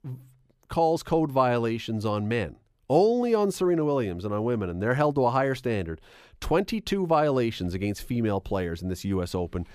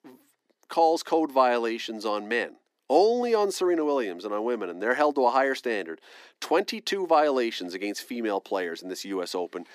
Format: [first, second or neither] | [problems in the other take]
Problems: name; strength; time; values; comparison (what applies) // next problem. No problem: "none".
first | thin; somewhat; fading below 250 Hz